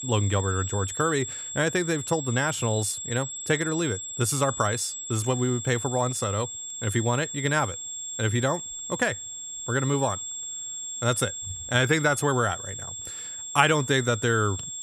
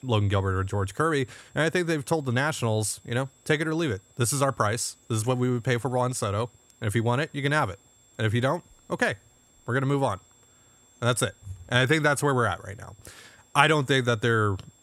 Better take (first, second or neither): second